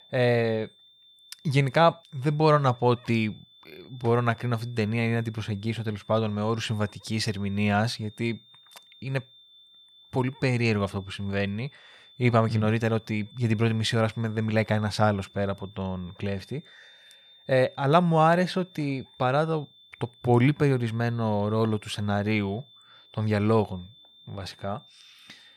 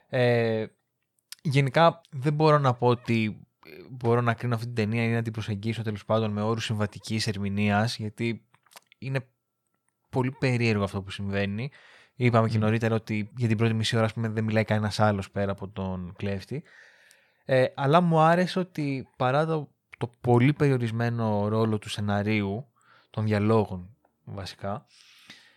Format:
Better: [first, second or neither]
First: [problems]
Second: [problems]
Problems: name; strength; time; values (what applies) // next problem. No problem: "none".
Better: second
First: high-pitched whine; faint; throughout; 3.5 kHz, 25 dB below the speech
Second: none